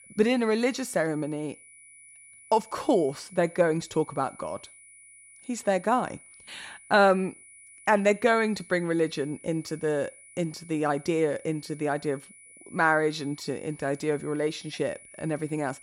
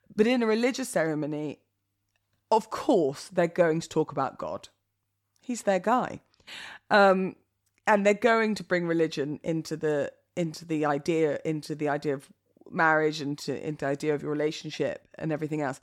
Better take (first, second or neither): second